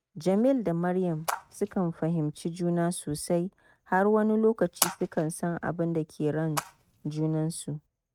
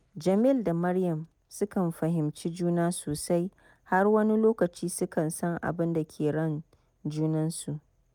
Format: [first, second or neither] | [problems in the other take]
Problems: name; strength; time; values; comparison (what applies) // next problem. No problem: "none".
second | noise reduction (neural mask model RNNoise)